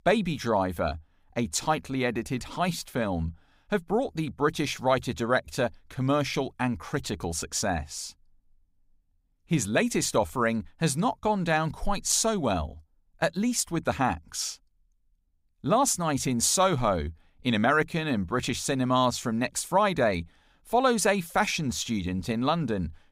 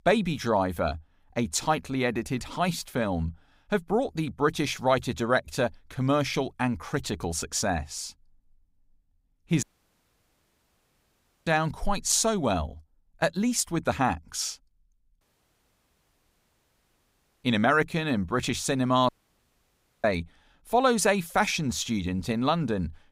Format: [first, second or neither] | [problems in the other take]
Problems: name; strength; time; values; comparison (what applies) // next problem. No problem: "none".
first | audio cutting out; at 9.5 s for 2 s, at 15 s for 2 s and at 19 s for 1 s